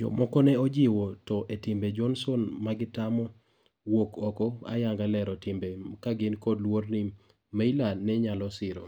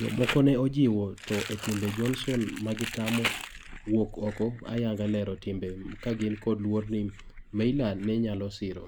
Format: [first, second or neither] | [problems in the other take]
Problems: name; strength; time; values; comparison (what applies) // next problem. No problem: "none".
first | background sound (Crumpling, crinkling); 11 dB below the speech